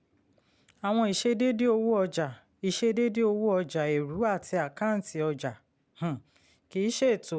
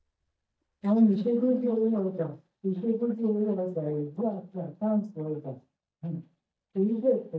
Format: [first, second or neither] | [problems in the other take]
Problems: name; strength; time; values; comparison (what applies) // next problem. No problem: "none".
first | noise reduction (neural mask model DeepFilterNet 3)